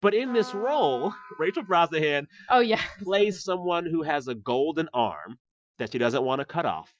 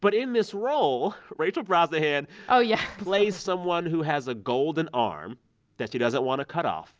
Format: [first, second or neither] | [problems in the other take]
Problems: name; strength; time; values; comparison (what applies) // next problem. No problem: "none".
second | noise reduction (classical method Wiener filter)